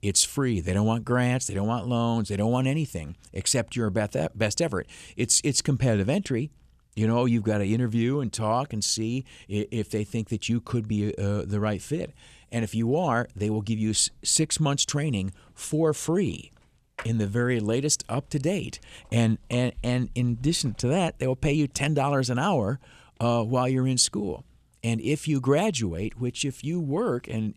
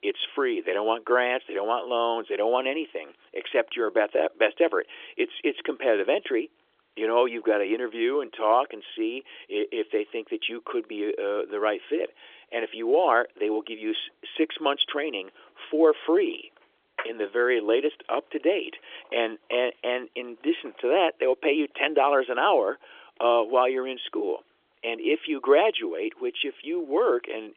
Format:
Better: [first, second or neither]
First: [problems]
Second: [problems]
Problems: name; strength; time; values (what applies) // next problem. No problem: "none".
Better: first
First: none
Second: phone-call audio; nothing above 3.5 kHz